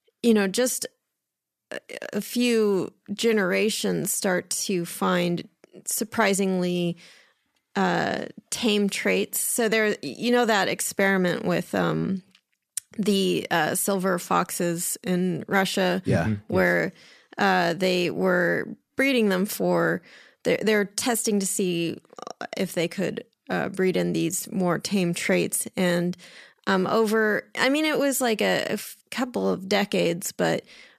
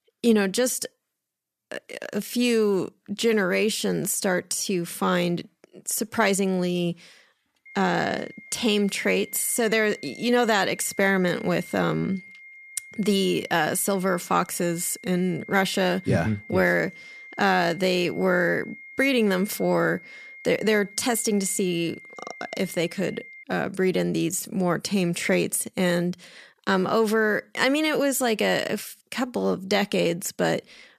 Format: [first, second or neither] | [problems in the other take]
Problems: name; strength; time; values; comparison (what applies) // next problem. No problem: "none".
first | high-pitched whine; noticeable; from 7.5 to 23 s; 2 kHz, 20 dB below the speech